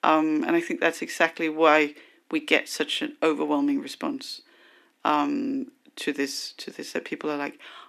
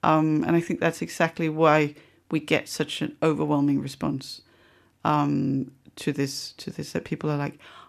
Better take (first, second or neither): second